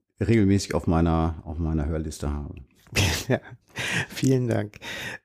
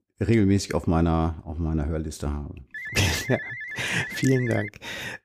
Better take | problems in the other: first | phone ringing; noticeable; from 2.5 to 4.5 s; peak 7 dB below the speech

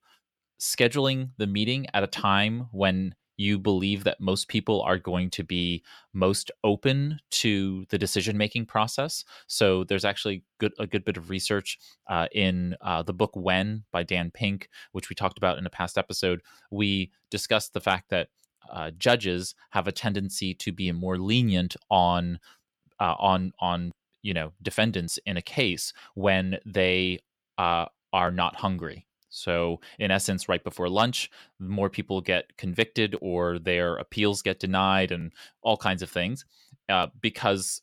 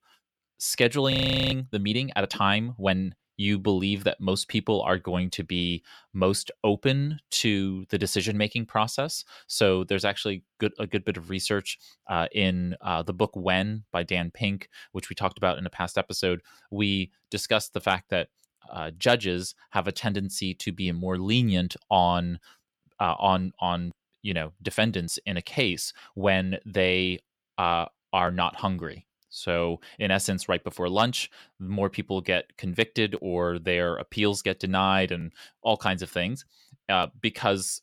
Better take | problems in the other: first | audio freezing; at 1 s

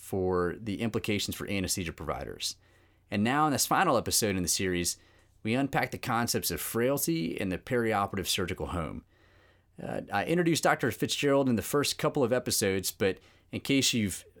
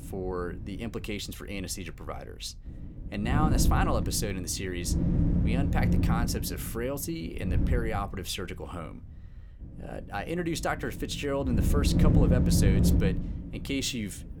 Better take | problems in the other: first | wind noise on the microphone; heavy; 3 dB below the speech

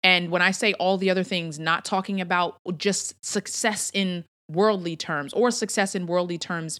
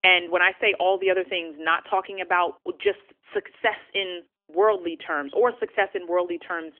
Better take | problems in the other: first | phone-call audio; nothing above 3.5 kHz

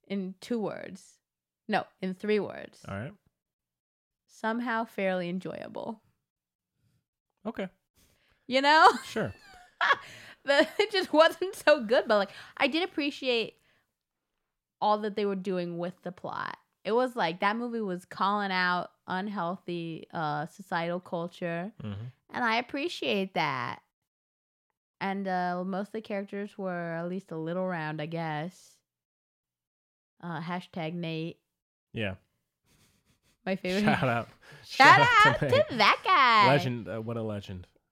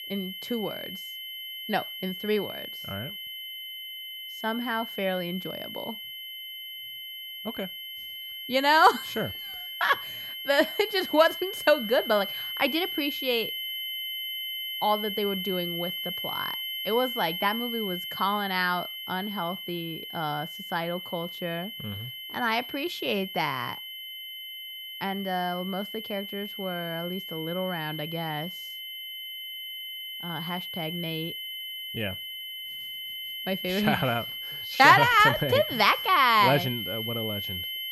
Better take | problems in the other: first | high-pitched whine; loud; throughout; 3 kHz, 7 dB below the speech

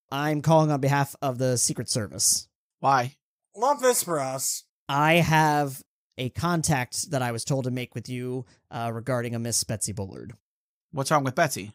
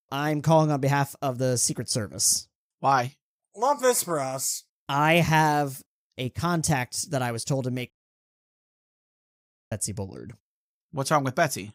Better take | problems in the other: first | audio cutting out; at 8 s for 2 s

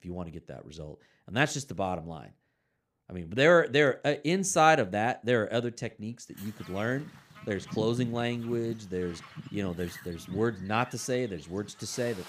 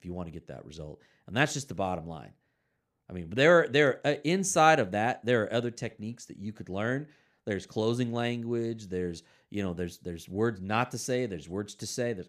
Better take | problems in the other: second | animal sounds; noticeable; from 6.5 s on; 15 dB below the speech

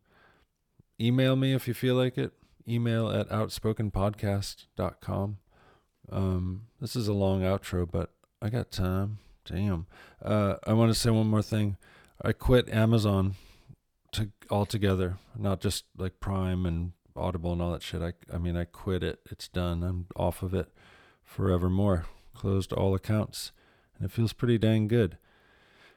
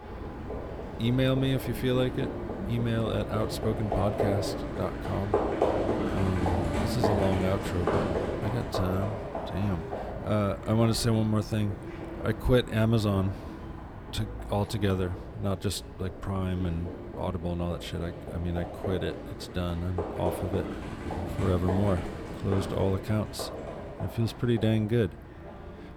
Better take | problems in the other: first | animal sounds; loud; throughout; 4 dB below the speech

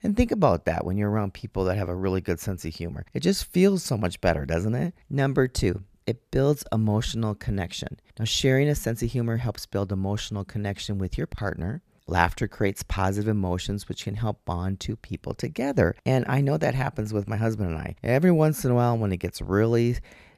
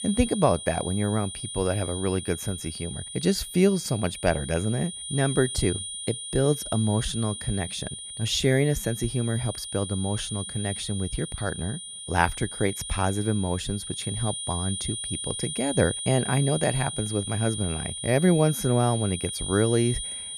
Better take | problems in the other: first | high-pitched whine; loud; throughout; 9.5 kHz, 6 dB below the speech

